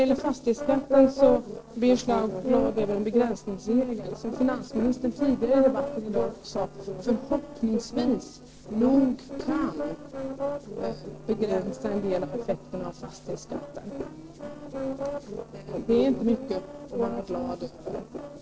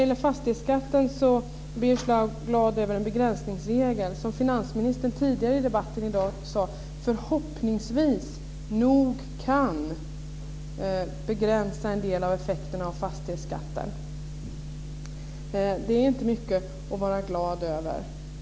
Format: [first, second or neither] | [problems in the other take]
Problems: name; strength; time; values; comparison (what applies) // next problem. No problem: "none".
second | noise reduction (neural separator model SepFormer DNS4)